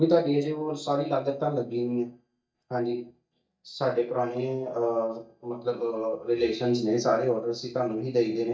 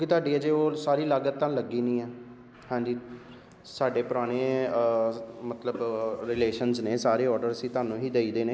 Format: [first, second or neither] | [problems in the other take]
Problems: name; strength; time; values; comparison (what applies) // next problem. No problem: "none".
second | noise reduction (neural mask model DeepFilterNet 3)